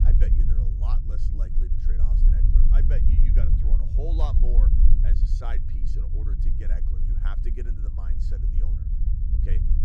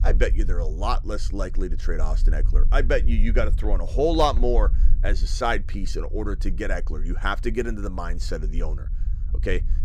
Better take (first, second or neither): second